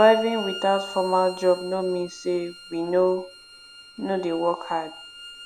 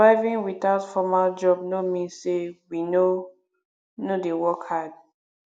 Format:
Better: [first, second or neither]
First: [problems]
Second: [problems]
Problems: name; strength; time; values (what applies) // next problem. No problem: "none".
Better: second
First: background sound (Bowed string instrument); 16 dB below the speech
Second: none